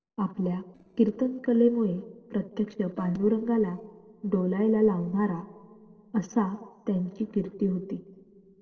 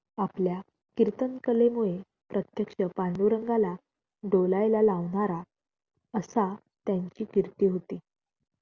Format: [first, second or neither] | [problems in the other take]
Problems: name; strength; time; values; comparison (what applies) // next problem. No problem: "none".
second | noise reduction (neural separator model SepFormer DNS4)